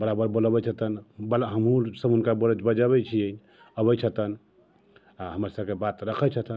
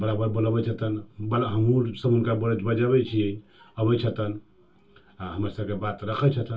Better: first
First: none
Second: room echo; dies away in 0.2 s

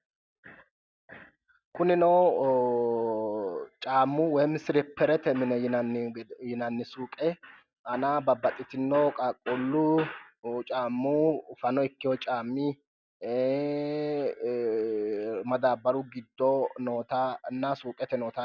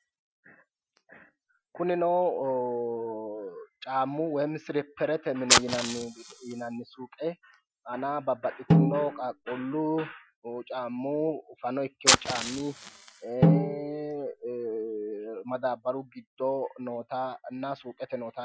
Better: first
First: none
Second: noise reduction (classical method Wiener filter)

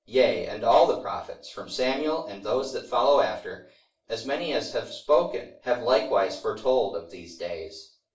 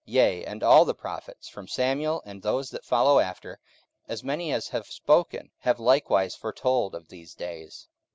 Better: second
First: room echo; dies away in 0.4 s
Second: none

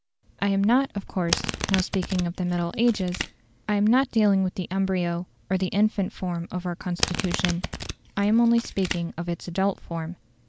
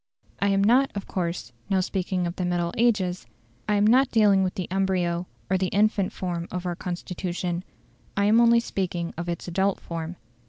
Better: second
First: background sound (Domestic sounds, home sounds); 7 dB below the speech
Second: none

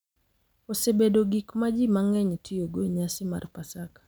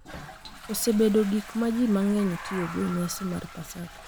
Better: first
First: none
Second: background sound (Toilet flush + Animal); 14 dB below the speech

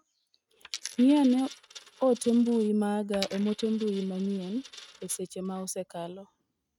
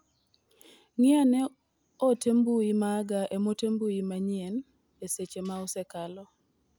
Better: second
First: noise reduction (neural mask model RNNoise)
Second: none

